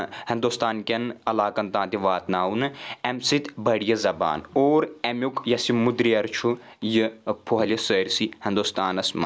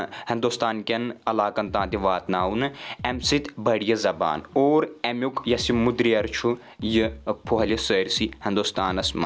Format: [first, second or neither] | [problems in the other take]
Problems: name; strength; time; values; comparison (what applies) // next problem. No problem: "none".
first | background sound (Drum kit); 16 dB below the speech